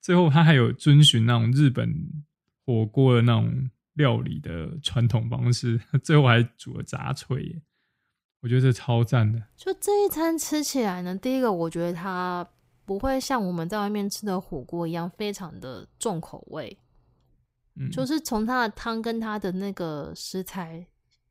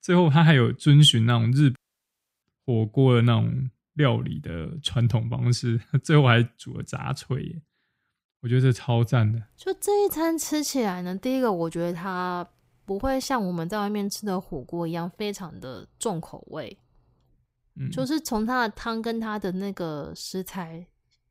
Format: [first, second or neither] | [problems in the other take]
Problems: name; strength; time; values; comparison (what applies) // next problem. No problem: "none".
first | audio cutting out; at 2 s for 0.5 s